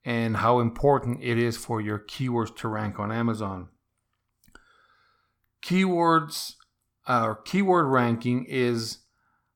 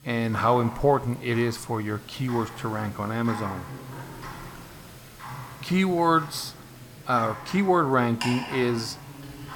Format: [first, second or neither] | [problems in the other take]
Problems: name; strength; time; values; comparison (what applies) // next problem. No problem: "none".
first | household noises; noticeable; throughout; 15 dB below the speech